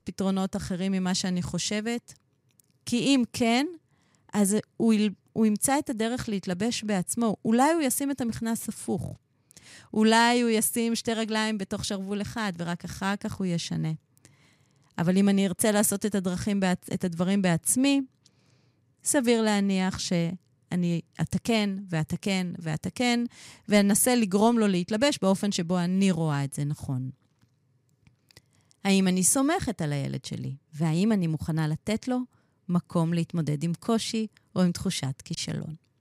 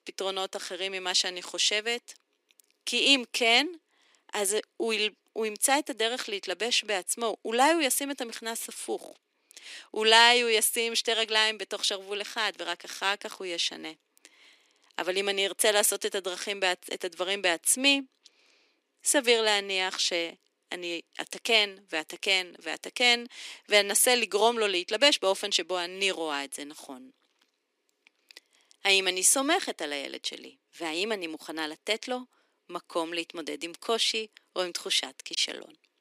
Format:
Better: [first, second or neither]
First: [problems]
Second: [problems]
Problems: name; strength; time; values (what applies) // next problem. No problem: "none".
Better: first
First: none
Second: thin; very; fading below 300 Hz